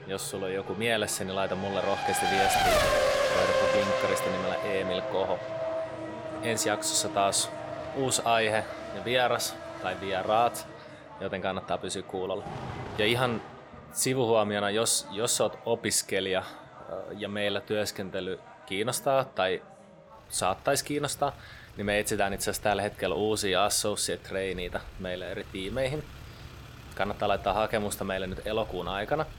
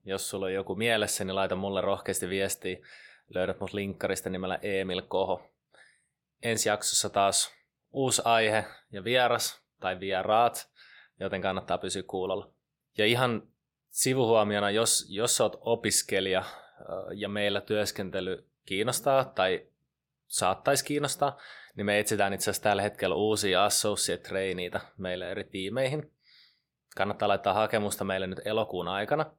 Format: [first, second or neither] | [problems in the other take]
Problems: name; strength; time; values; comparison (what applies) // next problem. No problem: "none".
second | traffic noise; loud; throughout; 2 dB below the speech